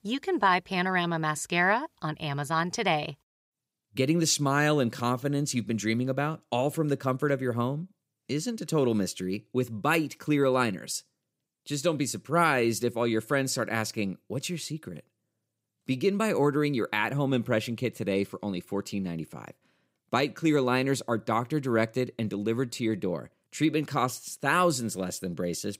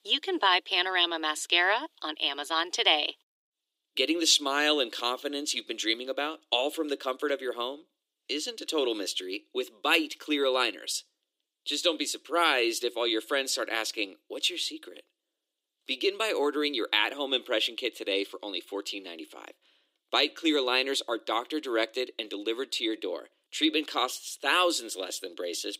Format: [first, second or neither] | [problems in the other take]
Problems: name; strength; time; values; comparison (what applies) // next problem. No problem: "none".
first | thin; somewhat; fading below 300 Hz